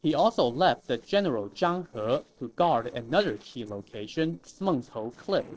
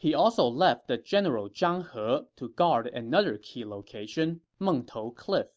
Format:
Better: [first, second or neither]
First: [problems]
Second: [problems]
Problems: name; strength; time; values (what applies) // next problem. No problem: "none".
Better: second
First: noise reduction (neural separator model SepFormer DNS4)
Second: none